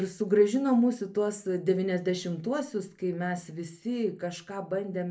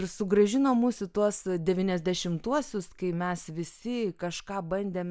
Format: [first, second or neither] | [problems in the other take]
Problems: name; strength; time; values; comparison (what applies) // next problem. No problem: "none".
second | room echo; dies away in 0.3 s